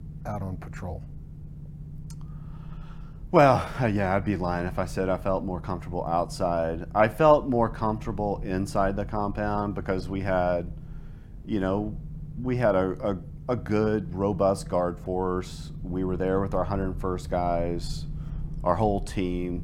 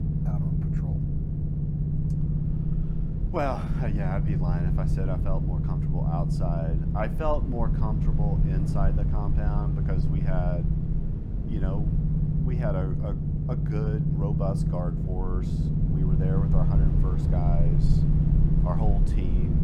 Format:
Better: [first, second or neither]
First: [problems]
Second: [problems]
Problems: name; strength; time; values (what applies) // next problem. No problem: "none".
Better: first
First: low rumble; faint; throughout; 25 dB below the speech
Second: low rumble; loud; throughout; 1 dB below the speech